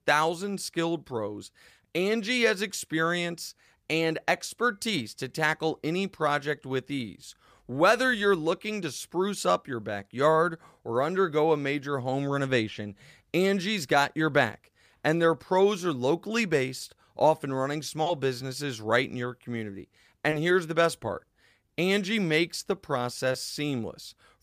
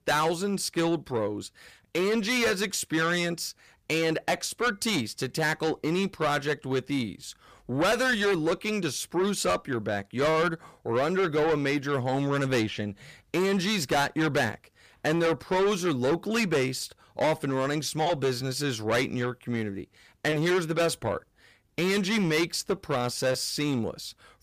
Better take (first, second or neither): first